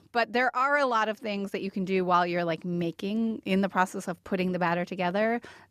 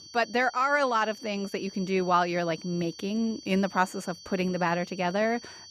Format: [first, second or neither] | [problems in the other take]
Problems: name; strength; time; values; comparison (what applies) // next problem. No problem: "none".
first | high-pitched whine; noticeable; throughout; 4.5 kHz, 15 dB below the speech